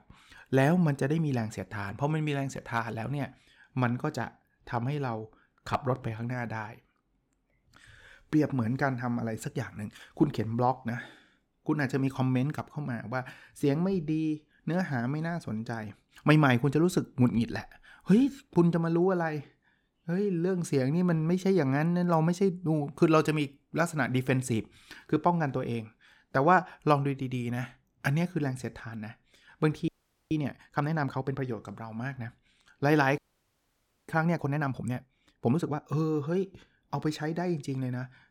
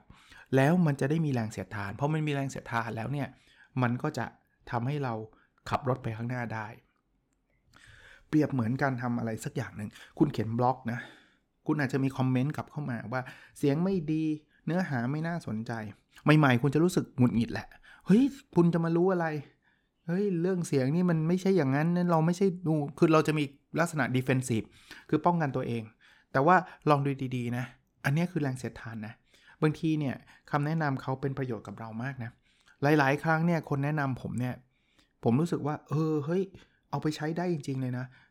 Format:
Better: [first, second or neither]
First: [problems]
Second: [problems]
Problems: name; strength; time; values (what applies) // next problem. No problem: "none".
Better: second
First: audio freezing; at 30 s and at 33 s for 1 s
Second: none